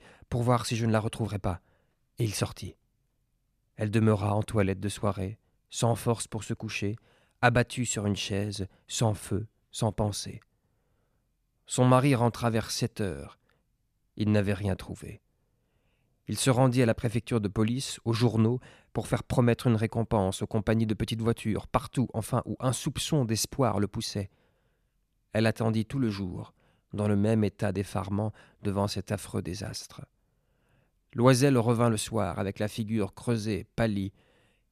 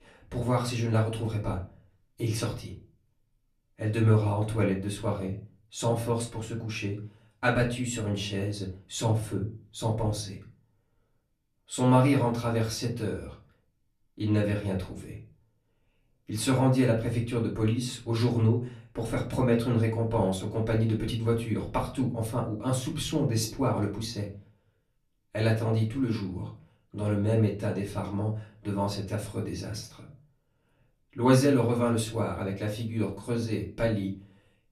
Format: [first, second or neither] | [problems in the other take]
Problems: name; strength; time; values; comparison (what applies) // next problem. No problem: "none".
first | off-mic speech; far // room echo; very slight; dies away in 0.3 s